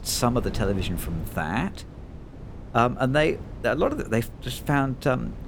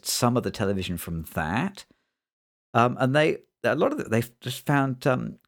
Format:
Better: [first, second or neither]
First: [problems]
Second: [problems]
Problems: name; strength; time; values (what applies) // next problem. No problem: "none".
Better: second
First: wind noise on the microphone; occasional gusts; 20 dB below the speech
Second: none